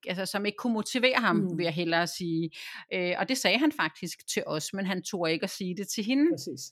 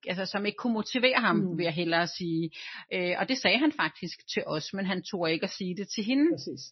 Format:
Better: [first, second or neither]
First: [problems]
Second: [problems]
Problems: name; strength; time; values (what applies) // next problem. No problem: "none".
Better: first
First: none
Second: garbled, watery; slightly; nothing above 6 kHz